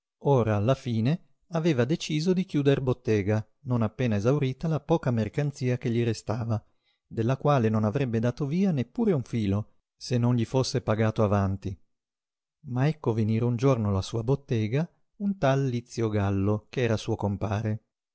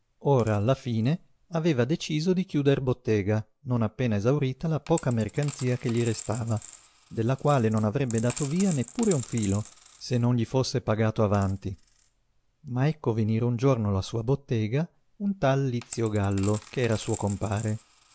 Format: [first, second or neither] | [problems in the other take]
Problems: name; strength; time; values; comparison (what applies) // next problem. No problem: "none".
first | background sound (Coin (dropping)); 19 dB below the speech